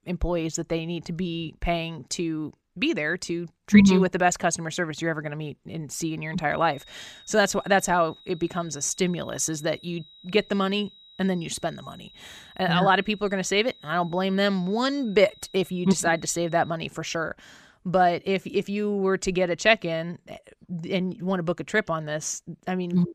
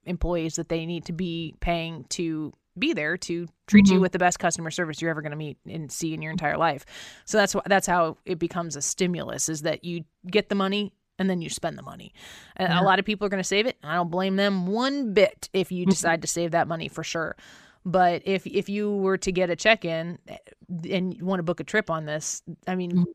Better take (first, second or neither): second